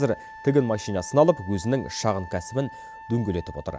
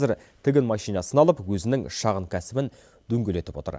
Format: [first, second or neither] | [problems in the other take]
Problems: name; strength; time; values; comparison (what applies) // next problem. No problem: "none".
second | background sound (Wind instrument, woodwind instrument); 17 dB below the speech